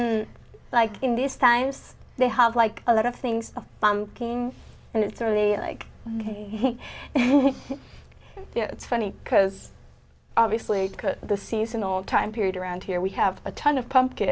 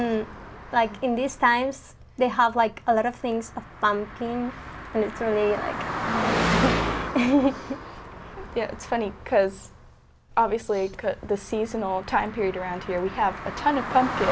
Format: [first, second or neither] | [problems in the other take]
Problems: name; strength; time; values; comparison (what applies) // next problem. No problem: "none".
first | background sound (Car passing by); 7 dB below the speech